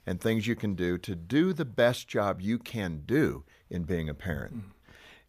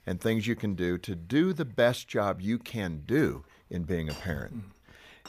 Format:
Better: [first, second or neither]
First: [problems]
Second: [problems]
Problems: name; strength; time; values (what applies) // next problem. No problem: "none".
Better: first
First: none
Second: household noises; noticeable; throughout; 20 dB below the speech